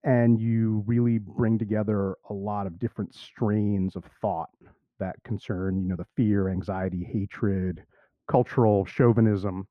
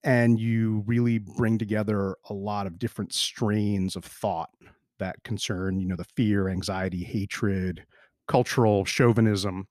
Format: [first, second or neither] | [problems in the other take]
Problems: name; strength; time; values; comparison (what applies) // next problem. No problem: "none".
second | muffled; very; fading above 3 kHz